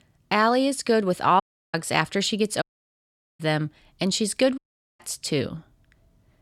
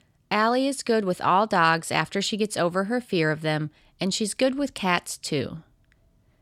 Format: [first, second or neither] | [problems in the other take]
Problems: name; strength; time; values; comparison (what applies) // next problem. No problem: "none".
second | audio cutting out; at 1.5 s, at 2.5 s for 1 s and at 4.5 s